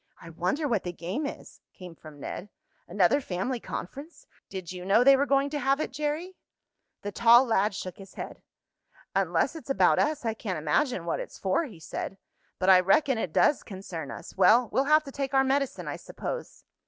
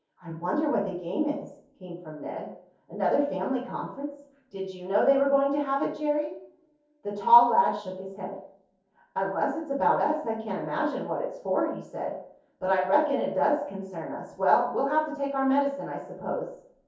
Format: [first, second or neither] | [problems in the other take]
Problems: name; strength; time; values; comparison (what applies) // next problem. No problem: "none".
first | room echo; dies away in 0.6 s